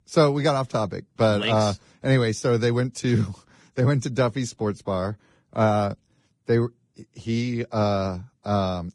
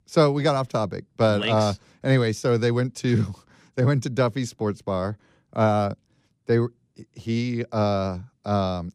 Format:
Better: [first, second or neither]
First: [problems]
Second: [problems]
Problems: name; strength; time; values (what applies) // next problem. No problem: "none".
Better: second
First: garbled, watery; badly; nothing above 10.5 kHz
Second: none